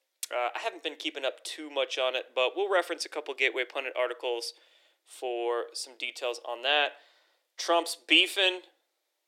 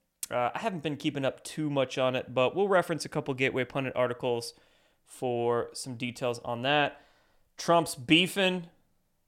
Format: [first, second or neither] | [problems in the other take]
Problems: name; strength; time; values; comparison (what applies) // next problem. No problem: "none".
second | thin; very; fading below 350 Hz